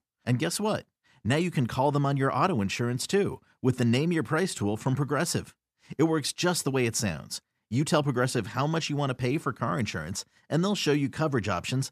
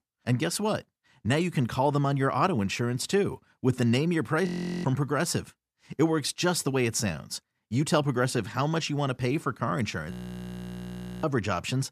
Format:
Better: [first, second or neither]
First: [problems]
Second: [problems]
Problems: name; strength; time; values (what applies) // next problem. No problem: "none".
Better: first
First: none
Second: audio freezing; at 4.5 s and at 10 s for 1 s